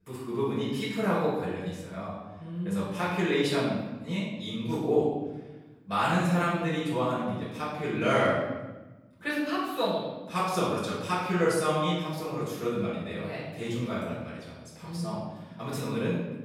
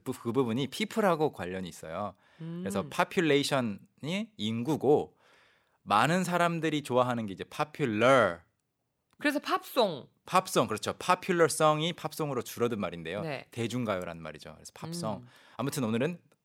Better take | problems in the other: second | off-mic speech; far // room echo; noticeable; dies away in 1.2 s

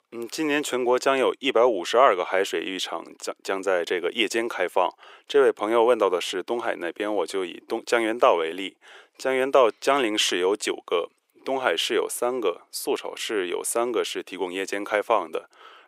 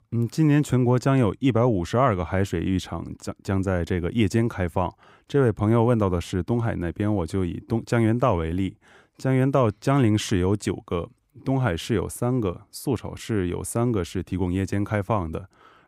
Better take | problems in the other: second | thin; very; fading below 400 Hz

